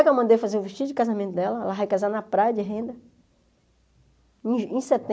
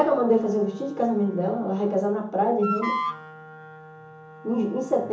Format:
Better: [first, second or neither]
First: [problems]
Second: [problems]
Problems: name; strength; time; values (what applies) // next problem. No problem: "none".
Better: first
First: none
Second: background sound (Wind instrument, woodwind instrument); 11 dB below the speech // room echo; dies away in 0.8 s